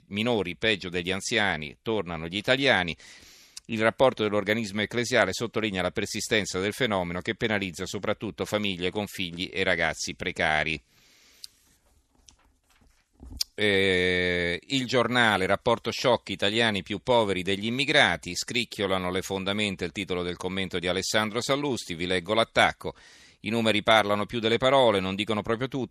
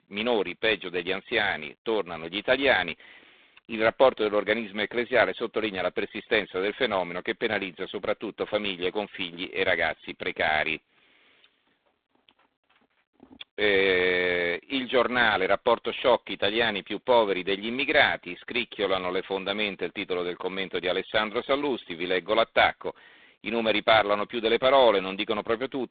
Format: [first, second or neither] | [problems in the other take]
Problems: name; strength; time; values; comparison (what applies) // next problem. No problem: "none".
first | phone-call audio; poor line; nothing above 3.5 kHz